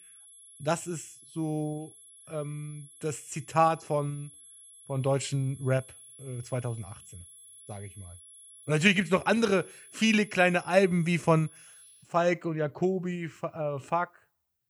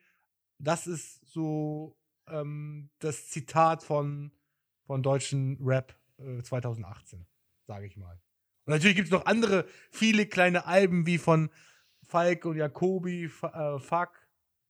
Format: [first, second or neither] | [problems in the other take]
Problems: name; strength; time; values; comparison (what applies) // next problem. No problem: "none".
second | high-pitched whine; faint; until 12 s; 11 kHz, 20 dB below the speech